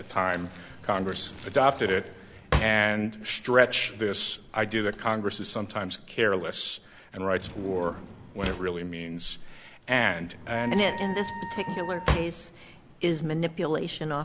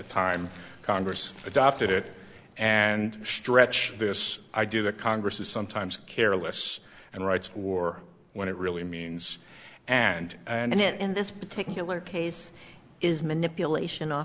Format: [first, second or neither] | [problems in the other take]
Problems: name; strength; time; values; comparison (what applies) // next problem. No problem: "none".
second | background sound (Drawer open or close + Wind instrument, woodwind instrument); 9 dB below the speech